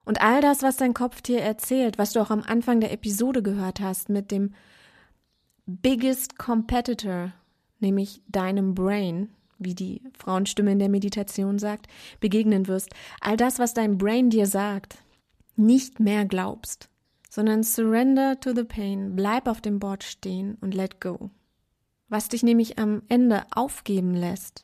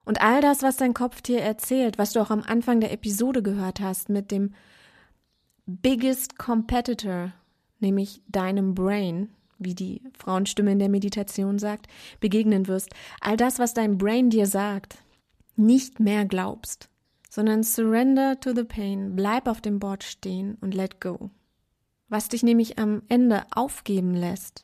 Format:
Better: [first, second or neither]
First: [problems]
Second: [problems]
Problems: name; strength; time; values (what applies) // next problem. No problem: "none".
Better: neither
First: none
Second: none